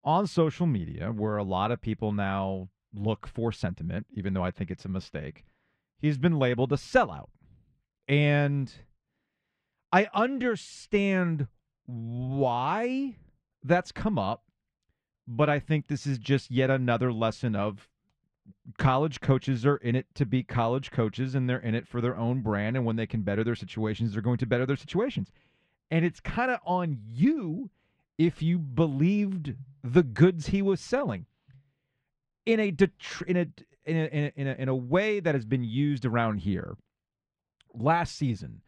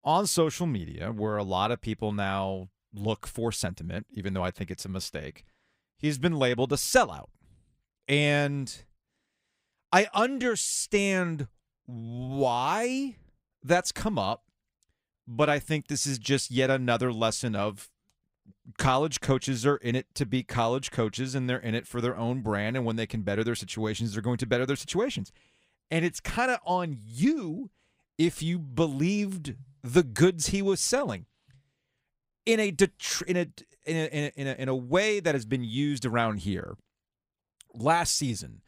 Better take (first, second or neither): second